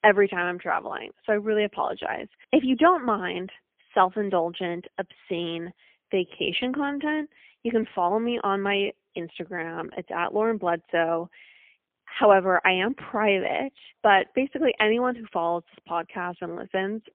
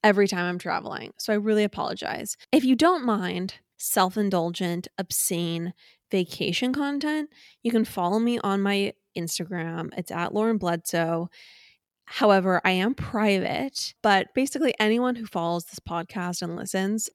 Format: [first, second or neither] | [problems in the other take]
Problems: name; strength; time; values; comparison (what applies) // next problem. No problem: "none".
second | phone-call audio; poor line; nothing above 3 kHz